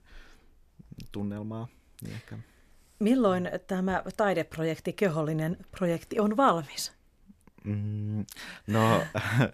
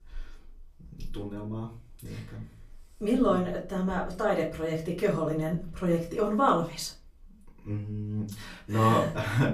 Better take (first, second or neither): first